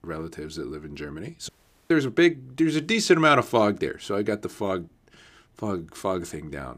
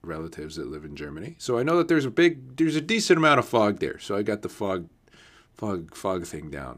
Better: second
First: audio cutting out; at 1.5 s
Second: none

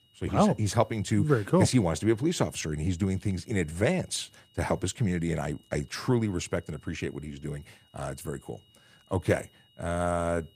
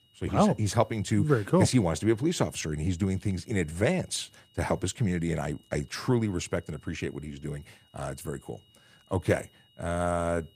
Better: neither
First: high-pitched whine; faint; throughout; 3 kHz, 35 dB below the speech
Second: high-pitched whine; faint; throughout; 3 kHz, 35 dB below the speech

